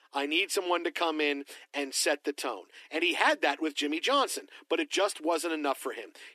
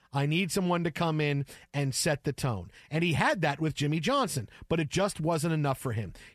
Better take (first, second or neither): second